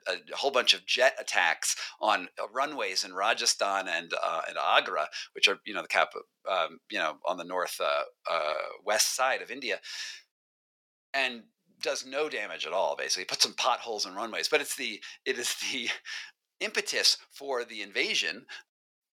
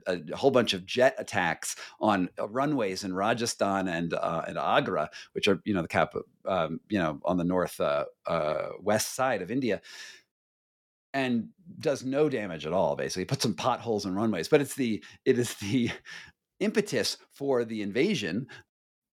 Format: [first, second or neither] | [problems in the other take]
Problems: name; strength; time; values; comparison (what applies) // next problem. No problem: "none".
second | thin; very; fading below 750 Hz